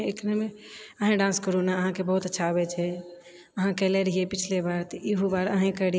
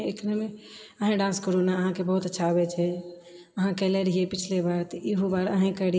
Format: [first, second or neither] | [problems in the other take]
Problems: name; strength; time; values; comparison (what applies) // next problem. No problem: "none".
first | room echo; dies away in 0.5 s